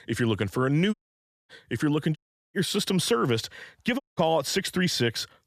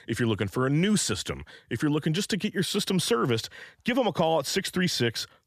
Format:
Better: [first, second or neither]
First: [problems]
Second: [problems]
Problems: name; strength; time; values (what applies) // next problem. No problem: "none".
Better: second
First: audio cutting out; at 1 s for 0.5 s, at 2 s and at 4 s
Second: none